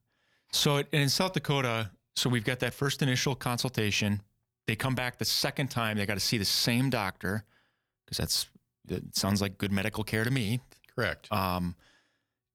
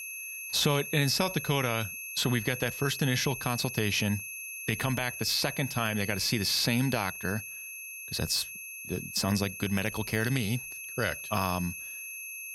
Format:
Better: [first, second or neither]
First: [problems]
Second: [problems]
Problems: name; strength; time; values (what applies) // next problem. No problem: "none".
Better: first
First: none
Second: high-pitched whine; loud; throughout; 2.5 kHz, 8 dB below the speech